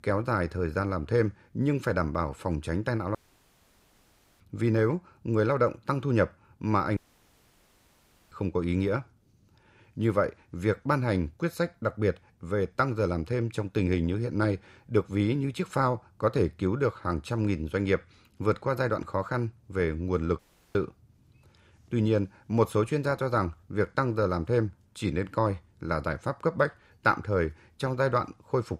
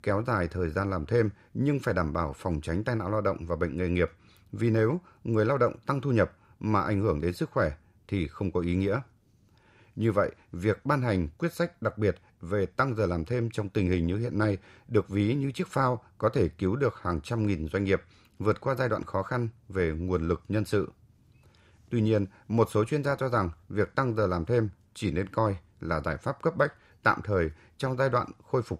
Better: second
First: audio cutting out; at 3 s for 1.5 s, at 7 s for 1.5 s and at 20 s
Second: none

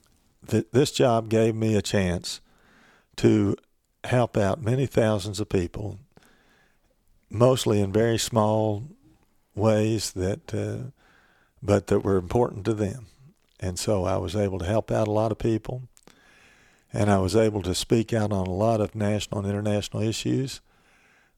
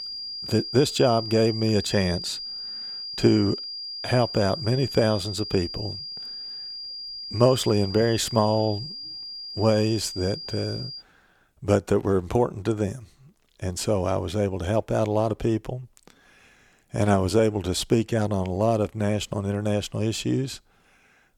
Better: first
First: none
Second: high-pitched whine; loud; until 11 s; 5 kHz, 8 dB below the speech

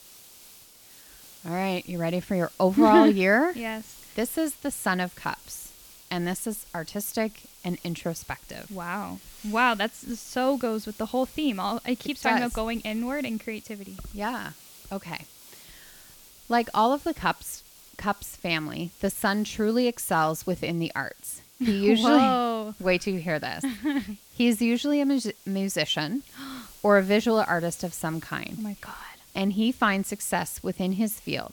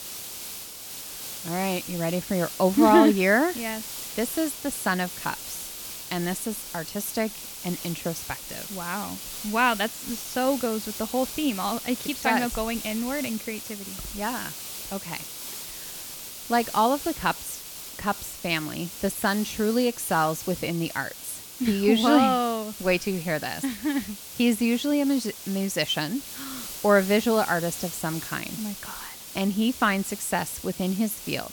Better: first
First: hiss; faint; throughout; 20 dB below the speech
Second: hiss; loud; throughout; 10 dB below the speech

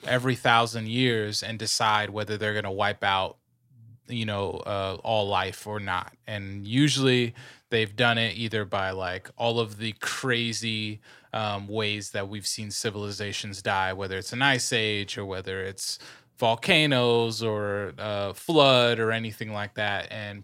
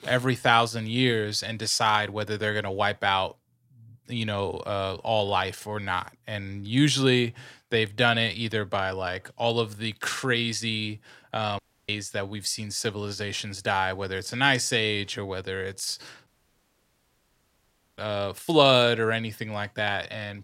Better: first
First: none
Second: audio cutting out; at 12 s and at 16 s for 1.5 s

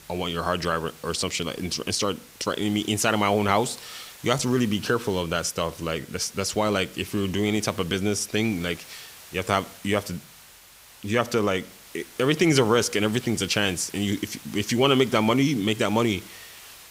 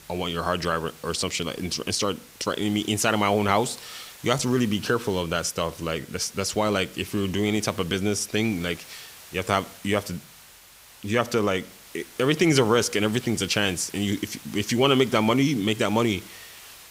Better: neither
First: hiss; noticeable; throughout; 20 dB below the speech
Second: hiss; noticeable; throughout; 20 dB below the speech

